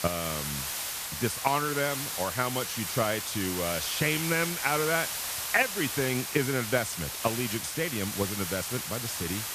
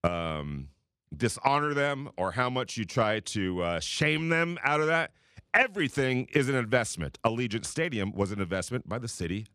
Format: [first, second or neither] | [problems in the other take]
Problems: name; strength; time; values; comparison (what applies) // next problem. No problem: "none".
second | hiss; loud; throughout; 2 dB below the speech